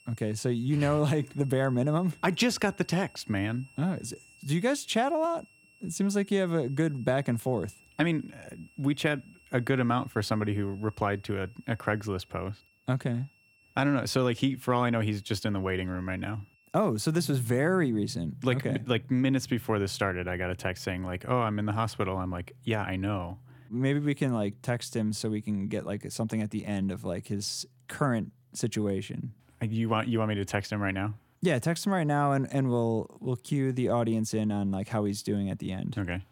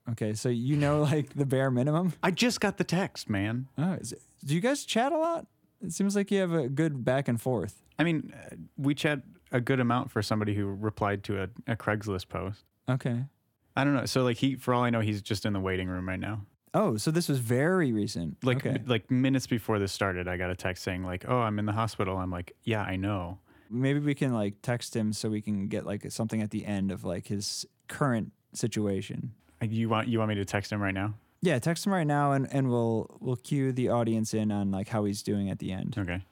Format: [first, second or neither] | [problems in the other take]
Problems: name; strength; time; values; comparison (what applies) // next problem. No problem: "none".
second | background music; faint; throughout; 25 dB below the speech